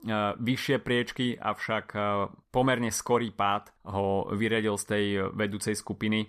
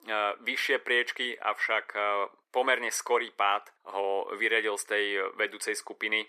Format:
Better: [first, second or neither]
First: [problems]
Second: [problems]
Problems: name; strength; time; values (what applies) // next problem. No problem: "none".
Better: first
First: none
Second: thin; very; fading below 350 Hz